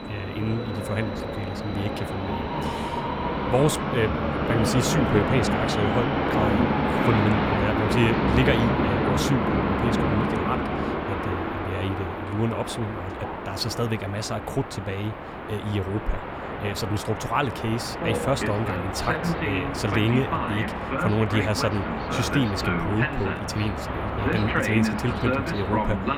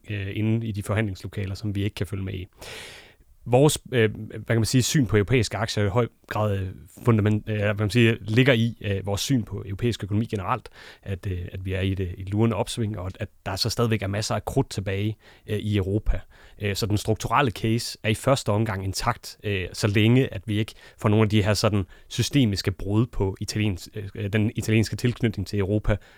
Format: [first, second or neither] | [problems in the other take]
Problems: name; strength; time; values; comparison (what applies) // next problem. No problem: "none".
second | train or aircraft noise; very loud; throughout; 1 dB above the speech